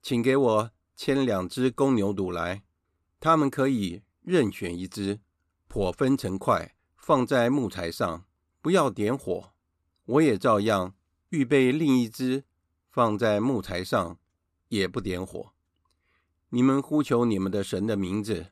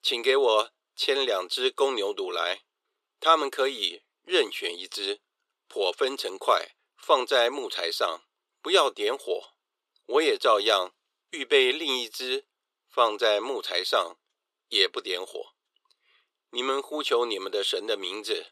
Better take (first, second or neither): first